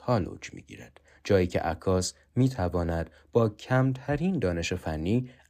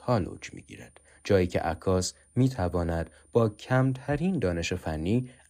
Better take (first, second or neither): first